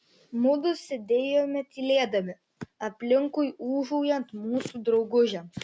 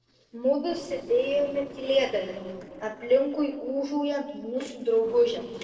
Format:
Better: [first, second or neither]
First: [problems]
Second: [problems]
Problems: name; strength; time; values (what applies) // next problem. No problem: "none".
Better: first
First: none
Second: noise reduction (neural separator model SepFormer DNS4)